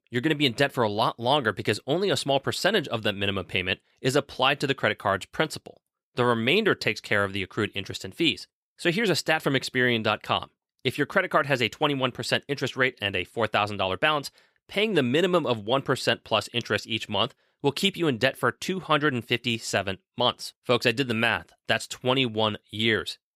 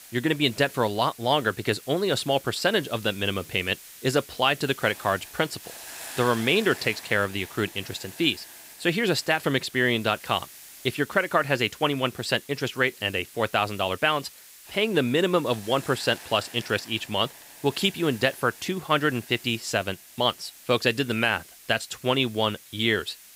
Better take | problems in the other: first | hiss; noticeable; throughout; 20 dB below the speech

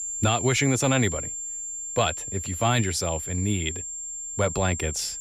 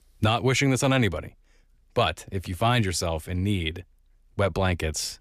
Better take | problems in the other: second | high-pitched whine; loud; throughout; 7.5 kHz, 5 dB below the speech

